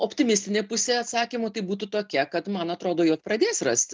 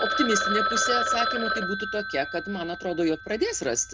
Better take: first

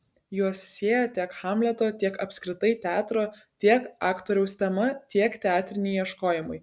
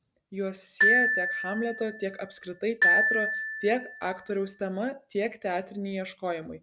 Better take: first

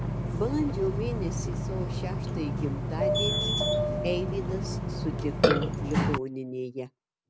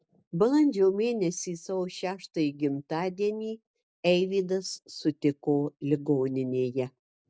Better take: second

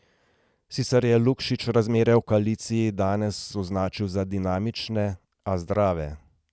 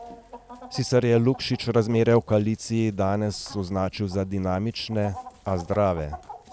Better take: first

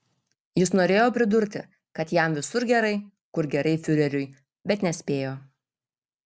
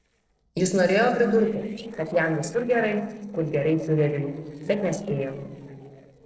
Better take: first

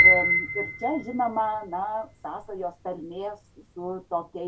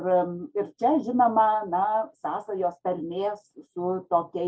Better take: second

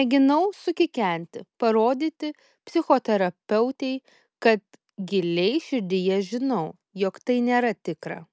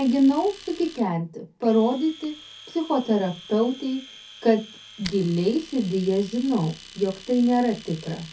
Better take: first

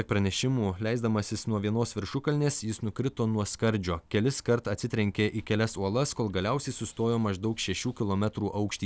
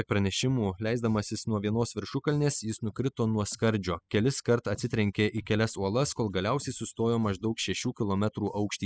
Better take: first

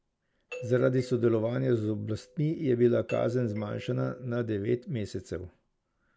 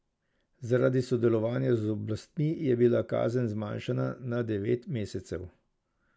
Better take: second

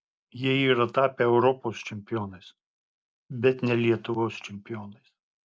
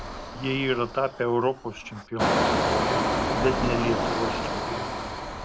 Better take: first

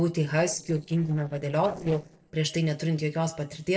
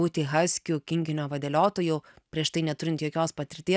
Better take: second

